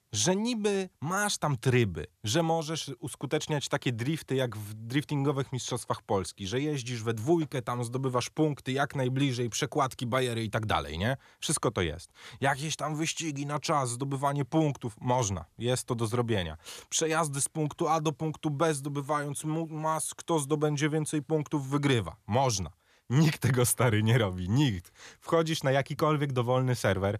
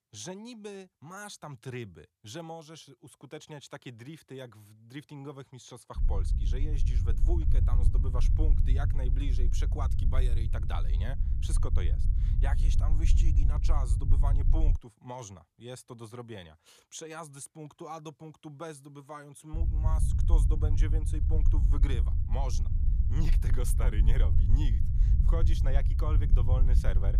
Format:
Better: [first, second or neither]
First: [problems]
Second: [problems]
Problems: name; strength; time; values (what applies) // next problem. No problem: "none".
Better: first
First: none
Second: low rumble; loud; from 6 to 15 s and from 20 s on; 4 dB below the speech